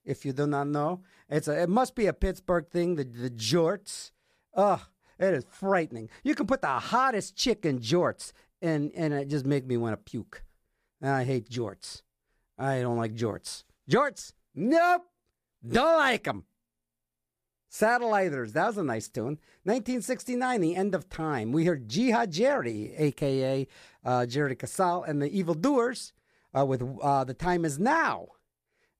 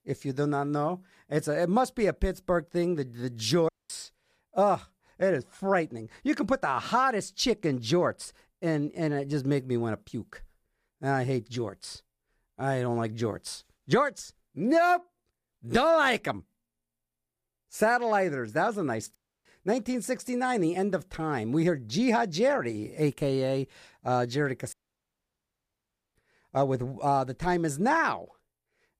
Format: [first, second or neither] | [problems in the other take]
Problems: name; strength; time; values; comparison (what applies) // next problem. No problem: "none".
first | audio cutting out; at 3.5 s, at 19 s and at 25 s for 1.5 s